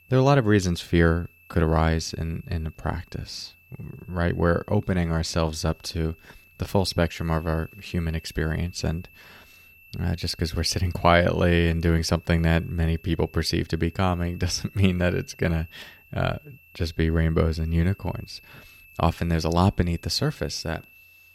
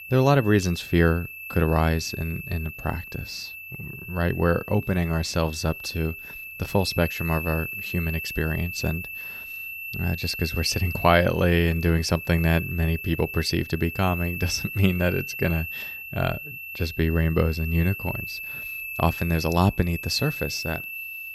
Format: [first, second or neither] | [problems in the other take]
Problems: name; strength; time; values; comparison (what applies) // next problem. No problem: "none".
first | high-pitched whine; loud; throughout; 2.5 kHz, 9 dB below the speech; faint in the first